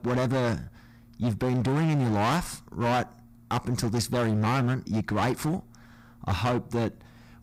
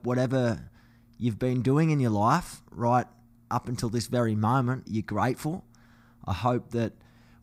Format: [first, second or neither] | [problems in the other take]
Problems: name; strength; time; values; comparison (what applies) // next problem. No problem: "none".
second | distortion; heavy; 22% of the sound clipped